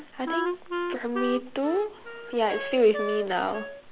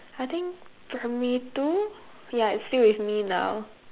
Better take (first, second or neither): second